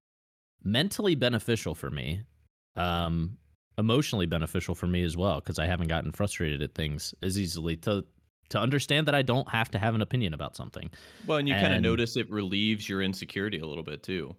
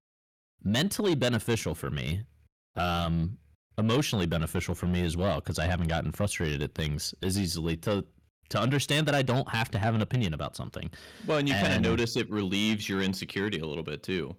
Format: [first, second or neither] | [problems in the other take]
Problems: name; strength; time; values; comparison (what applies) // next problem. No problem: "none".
first | distortion; slight; 10 dB below the speech